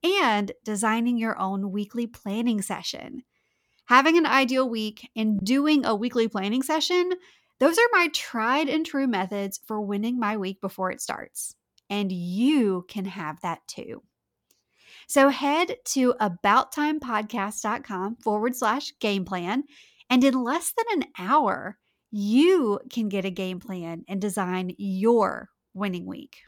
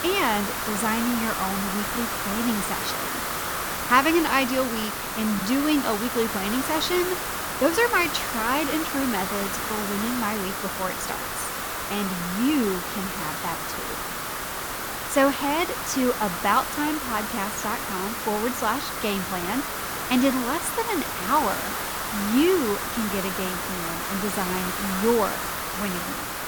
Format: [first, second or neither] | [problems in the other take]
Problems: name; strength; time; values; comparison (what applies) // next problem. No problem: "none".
first | hiss; loud; throughout; 2 dB below the speech